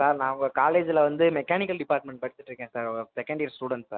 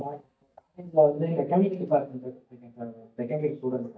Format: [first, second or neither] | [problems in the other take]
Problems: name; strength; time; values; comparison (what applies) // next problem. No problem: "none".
first | noise reduction (neural mask model DeepFilterNet 3)